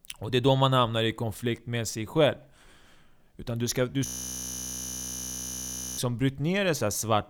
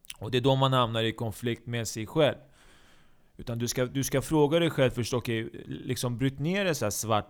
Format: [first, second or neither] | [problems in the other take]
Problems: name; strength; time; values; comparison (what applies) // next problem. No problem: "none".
second | audio freezing; at 4 s for 2 s